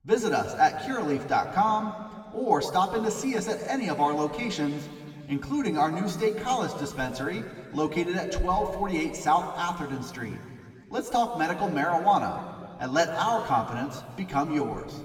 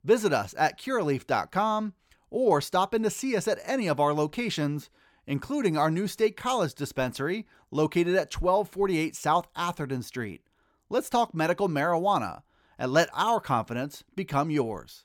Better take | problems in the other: second | room echo; noticeable; dies away in 1.9 s // off-mic speech; far

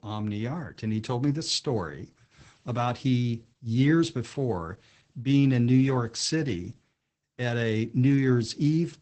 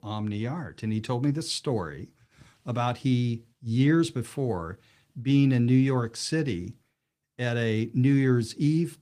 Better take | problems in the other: second | garbled, watery; badly; nothing above 8 kHz; slightly in the second

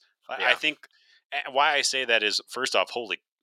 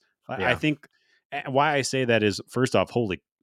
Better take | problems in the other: second | thin; very; fading below 650 Hz

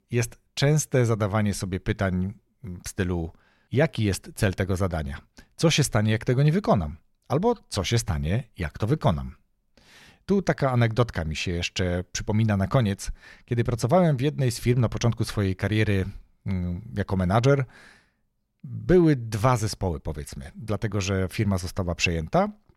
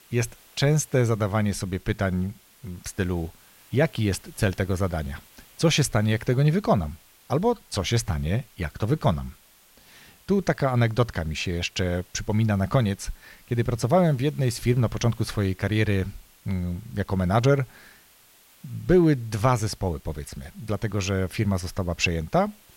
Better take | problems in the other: first | hiss; faint; throughout; 25 dB below the speech

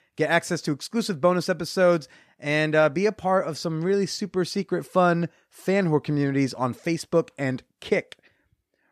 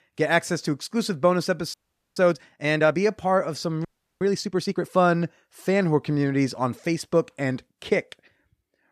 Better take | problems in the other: first | audio freezing; at 1.5 s and at 4 s

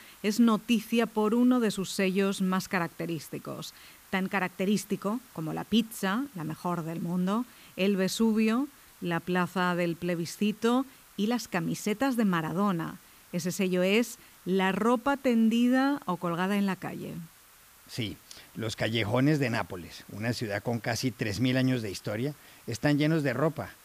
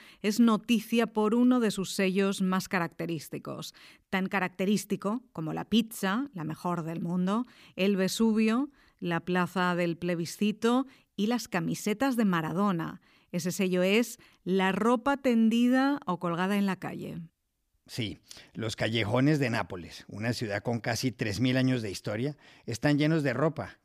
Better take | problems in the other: second | hiss; faint; throughout; 25 dB below the speech

